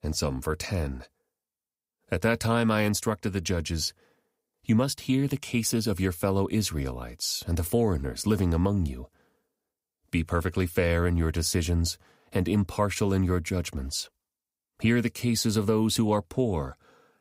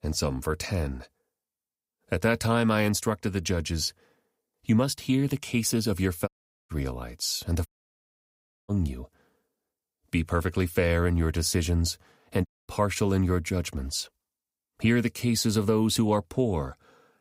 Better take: first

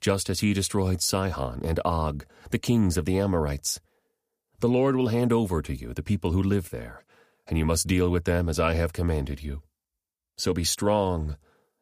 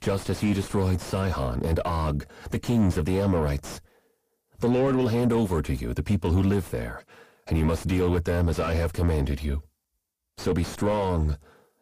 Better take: first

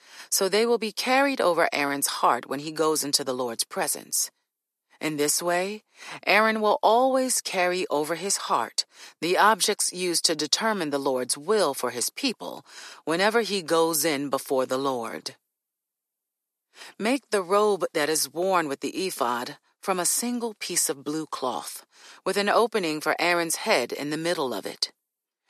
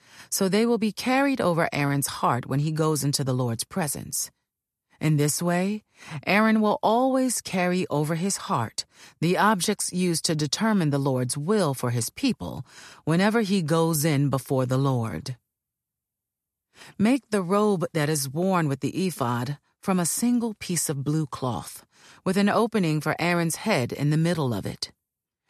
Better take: second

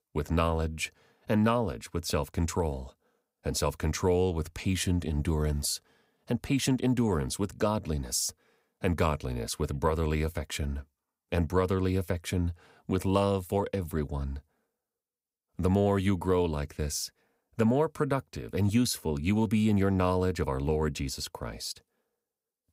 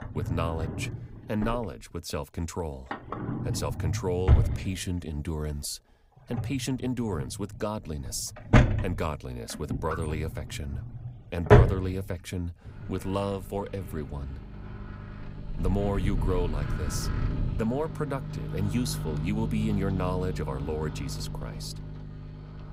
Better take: first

